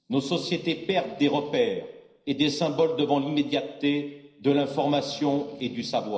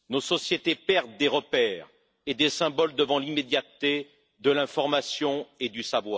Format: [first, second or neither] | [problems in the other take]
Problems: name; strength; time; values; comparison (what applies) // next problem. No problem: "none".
second | noise reduction (neural separator model SepFormer DNS4)